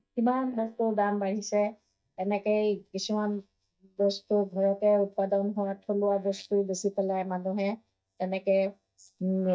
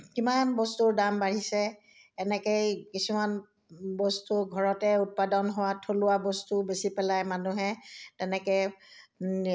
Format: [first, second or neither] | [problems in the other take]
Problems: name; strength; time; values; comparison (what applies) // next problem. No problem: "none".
second | noise reduction (neural mask model DeepFilterNet 3)